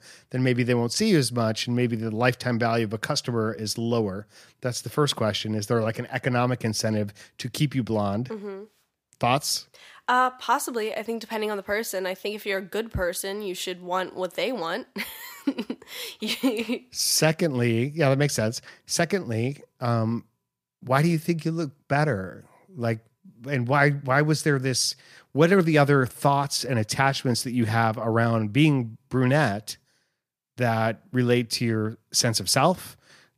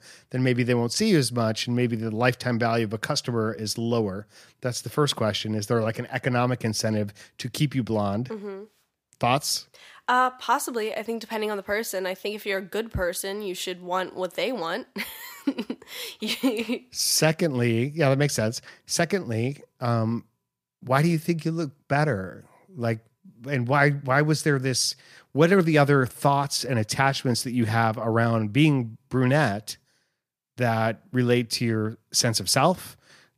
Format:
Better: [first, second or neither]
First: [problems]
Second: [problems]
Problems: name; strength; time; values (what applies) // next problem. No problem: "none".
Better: neither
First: none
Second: none